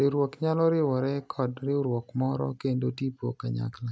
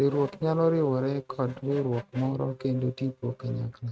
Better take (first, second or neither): first